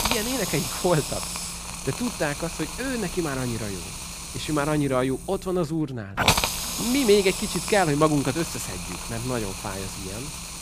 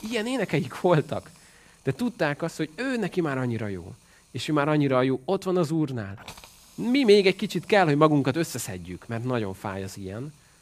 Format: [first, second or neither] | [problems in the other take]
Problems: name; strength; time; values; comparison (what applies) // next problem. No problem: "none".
second | hiss; loud; throughout; 3 dB below the speech; faint in the second